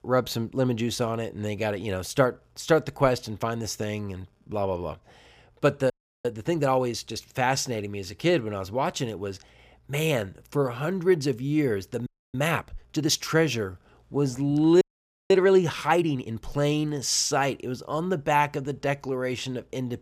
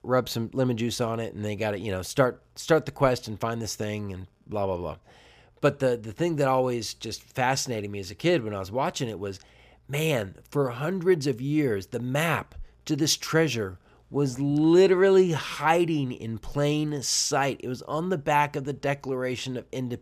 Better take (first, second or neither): second